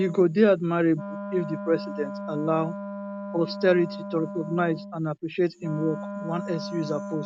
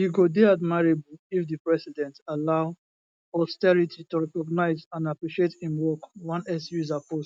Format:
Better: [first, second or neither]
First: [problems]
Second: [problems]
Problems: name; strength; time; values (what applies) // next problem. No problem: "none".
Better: second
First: background sound (Wind instrument, woodwind instrument); 10 dB below the speech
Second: none